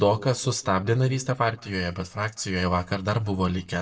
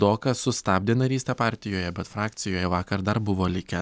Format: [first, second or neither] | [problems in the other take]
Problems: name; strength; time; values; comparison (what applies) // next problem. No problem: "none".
second | noise reduction (neural mask model DeepFilterNet 3)